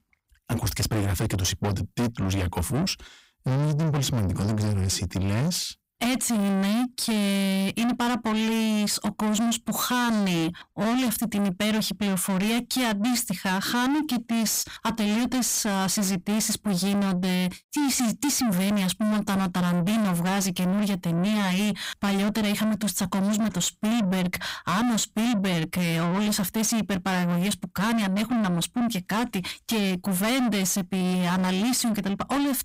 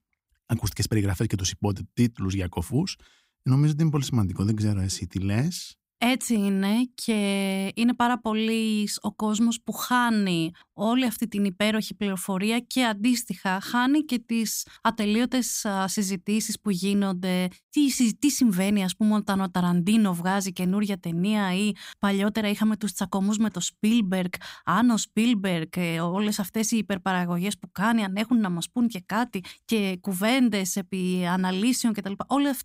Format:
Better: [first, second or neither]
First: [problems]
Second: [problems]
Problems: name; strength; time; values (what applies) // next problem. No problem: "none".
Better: second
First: distortion; heavy; 6 dB below the speech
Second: none